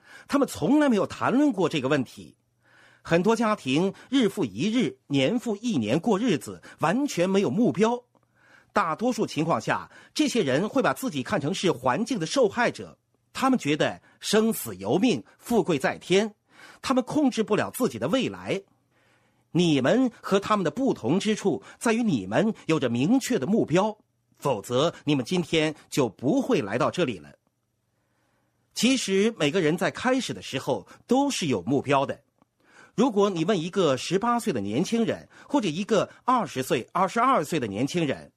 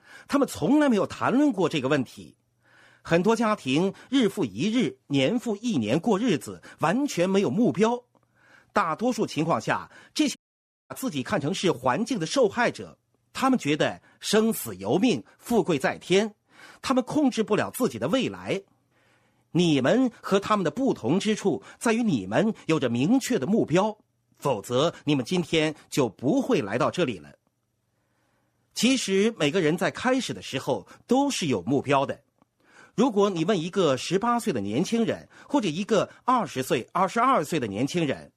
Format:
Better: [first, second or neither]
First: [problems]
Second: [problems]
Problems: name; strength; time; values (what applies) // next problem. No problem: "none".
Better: first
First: none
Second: audio cutting out; at 10 s for 0.5 s